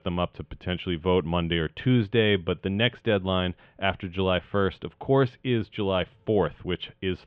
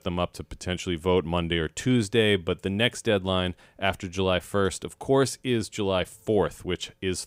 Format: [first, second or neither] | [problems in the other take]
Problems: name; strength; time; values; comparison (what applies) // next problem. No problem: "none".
second | muffled; very slightly; fading above 3 kHz